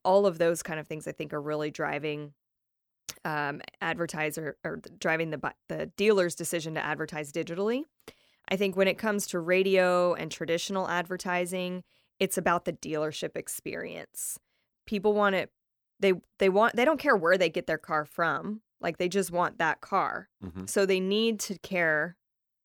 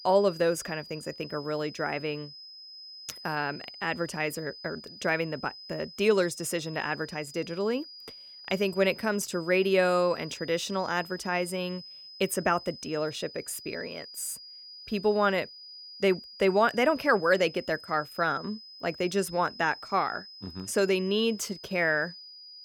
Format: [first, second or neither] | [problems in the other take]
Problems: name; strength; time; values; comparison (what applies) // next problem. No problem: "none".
first | high-pitched whine; noticeable; throughout; 5 kHz, 15 dB below the speech